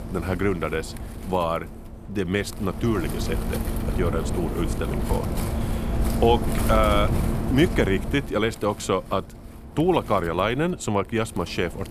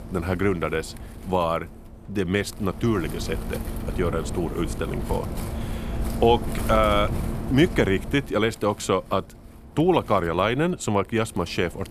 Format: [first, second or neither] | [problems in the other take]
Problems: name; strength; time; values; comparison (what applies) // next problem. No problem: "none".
second | wind noise on the microphone; heavy; 9 dB below the speech; occasional gusts in the second